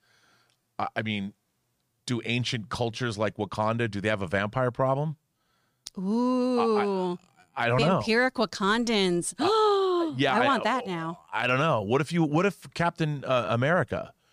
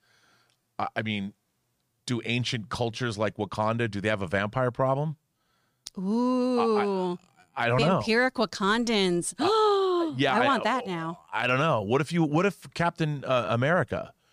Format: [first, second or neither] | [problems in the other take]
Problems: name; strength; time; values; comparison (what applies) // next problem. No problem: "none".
neither | none